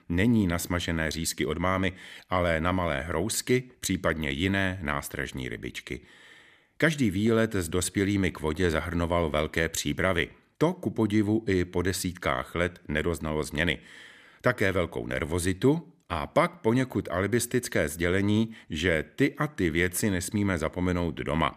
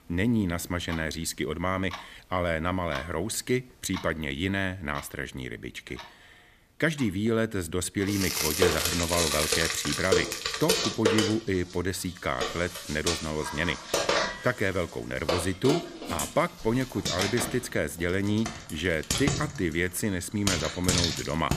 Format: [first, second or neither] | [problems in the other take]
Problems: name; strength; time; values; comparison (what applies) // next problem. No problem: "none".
first | household noises; very loud; throughout; as loud as the speech